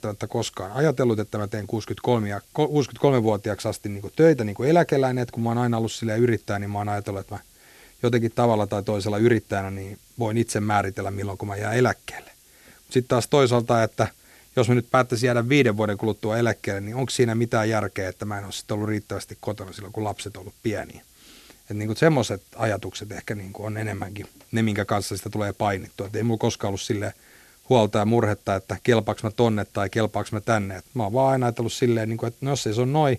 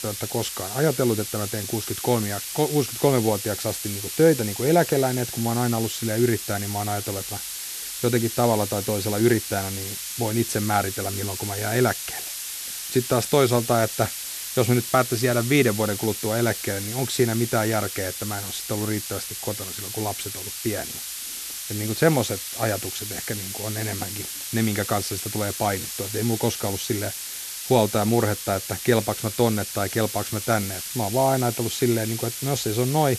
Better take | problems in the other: first | hiss; loud; throughout; 5 dB below the speech; faint in the first

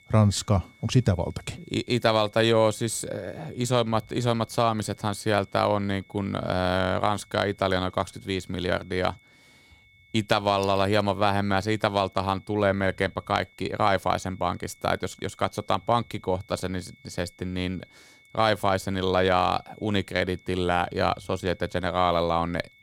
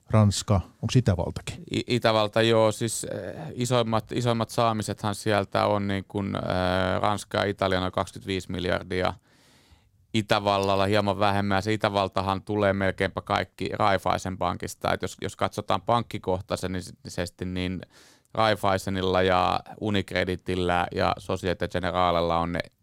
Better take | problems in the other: second | high-pitched whine; faint; throughout; 2 kHz, 30 dB below the speech

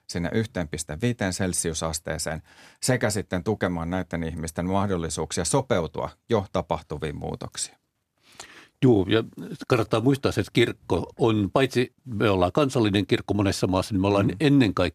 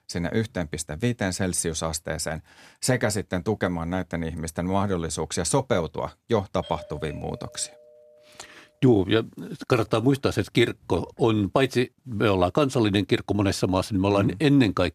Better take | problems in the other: first | doorbell; faint; from 6.5 to 8.5 s; peak 15 dB below the speech

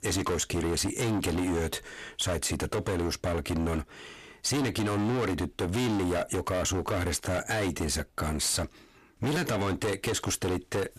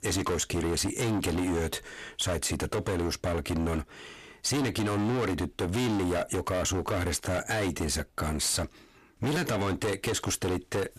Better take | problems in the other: neither | distortion; heavy; 27% of the sound clipped; the same in both

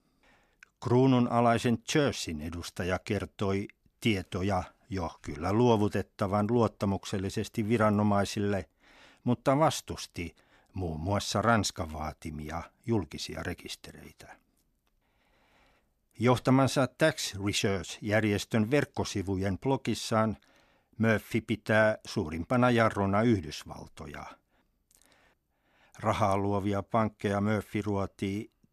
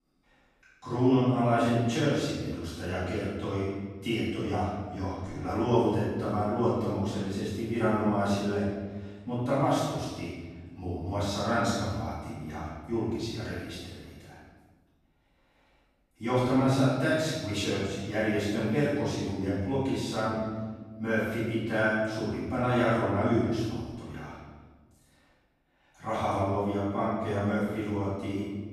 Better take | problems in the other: first | room echo; strong; dies away in 1.3 s // off-mic speech; far

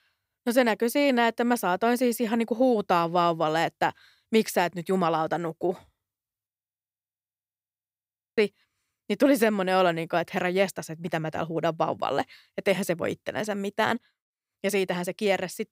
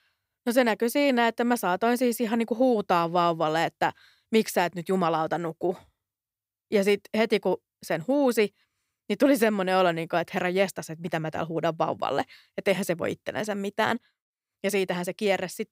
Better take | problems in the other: second | audio freezing; at 6.5 s for 2 s

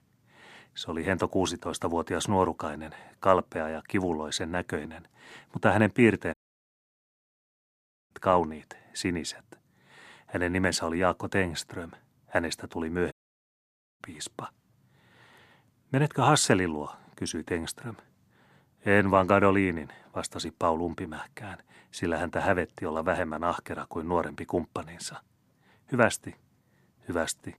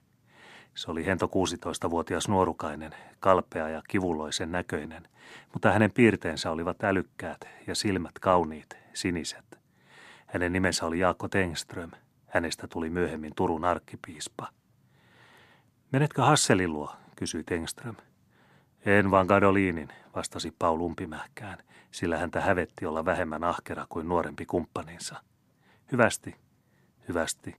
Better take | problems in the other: second | audio cutting out; at 6.5 s for 2 s and at 13 s for 1 s

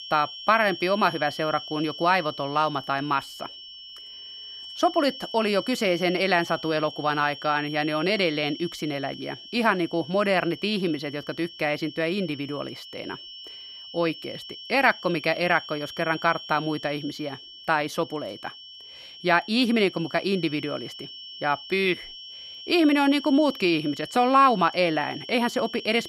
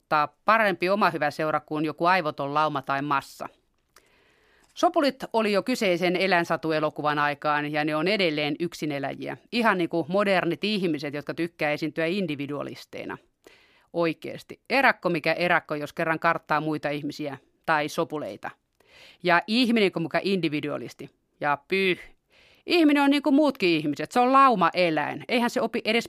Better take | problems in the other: second | high-pitched whine; noticeable; throughout; 3 kHz, 15 dB below the speech

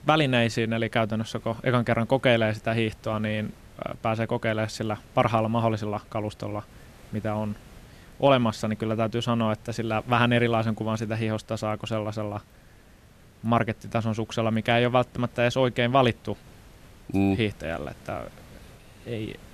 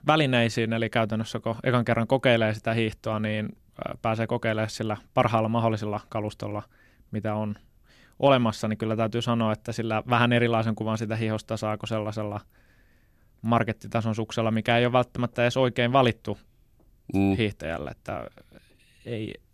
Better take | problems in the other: second | hiss; faint; throughout; 25 dB below the speech

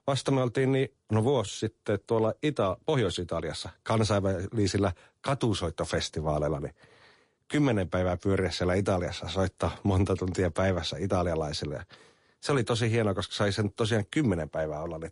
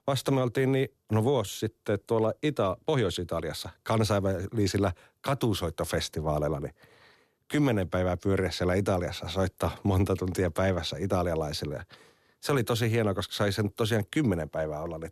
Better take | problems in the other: second | garbled, watery; slightly; nothing above 10.5 kHz

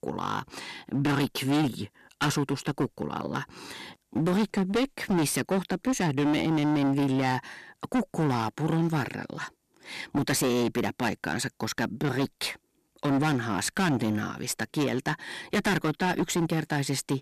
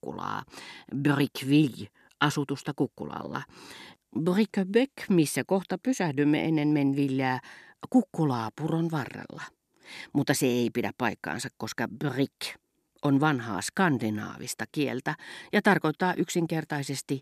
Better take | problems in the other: second | distortion; heavy; 17% of the sound clipped

